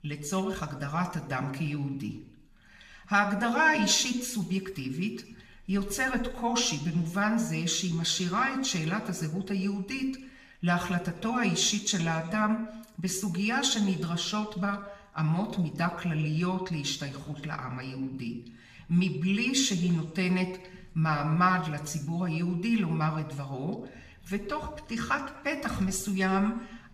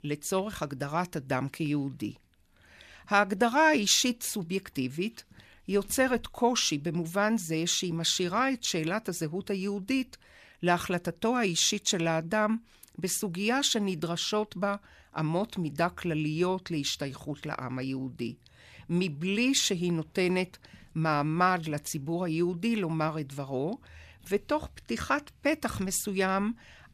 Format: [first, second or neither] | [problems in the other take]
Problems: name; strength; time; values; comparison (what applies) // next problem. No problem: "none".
second | room echo; slight; dies away in 0.7 s // off-mic speech; somewhat distant